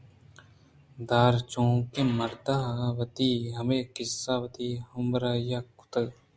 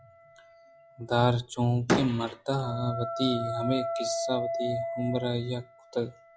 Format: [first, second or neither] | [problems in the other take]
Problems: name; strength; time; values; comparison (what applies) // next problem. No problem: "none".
first | noise reduction (classical method log-MMSE)